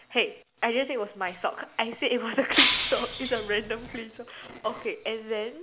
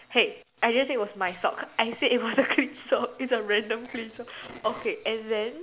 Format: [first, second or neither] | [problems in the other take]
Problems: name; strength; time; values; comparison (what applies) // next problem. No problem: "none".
second | background sound (Shatter); 2 dB above the speech